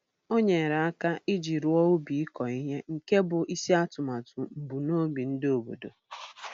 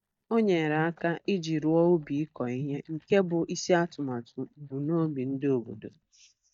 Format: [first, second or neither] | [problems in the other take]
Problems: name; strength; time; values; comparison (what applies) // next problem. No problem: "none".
first | noise reduction (neural mask model DeepFilterNet 3)